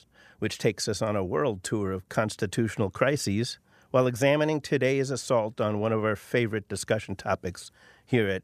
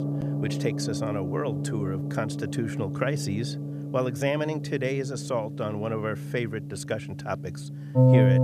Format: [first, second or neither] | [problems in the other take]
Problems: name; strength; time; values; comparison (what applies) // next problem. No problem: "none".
first | background music; very loud; throughout; 2 dB above the speech